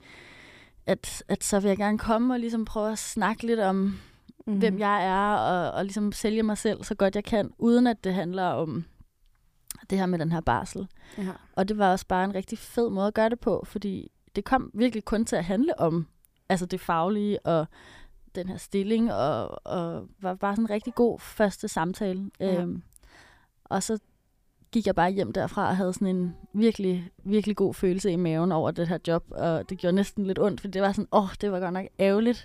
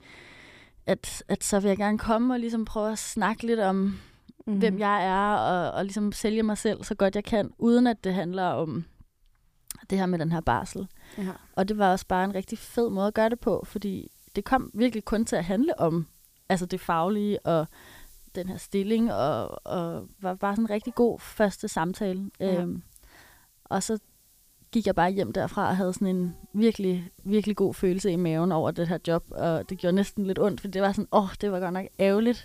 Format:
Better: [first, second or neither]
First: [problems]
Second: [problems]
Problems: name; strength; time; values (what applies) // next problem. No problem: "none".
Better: first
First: none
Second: hiss; faint; from 10 s on; 30 dB below the speech